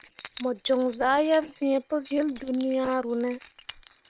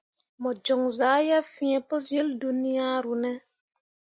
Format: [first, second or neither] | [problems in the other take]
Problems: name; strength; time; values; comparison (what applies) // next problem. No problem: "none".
second | noise reduction (neural separator model SepFormer WHAM!)